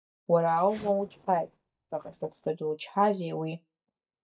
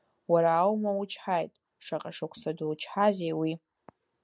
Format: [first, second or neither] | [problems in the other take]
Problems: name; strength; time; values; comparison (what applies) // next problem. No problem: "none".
second | noise reduction (neural mask model DeepFilterNet 3)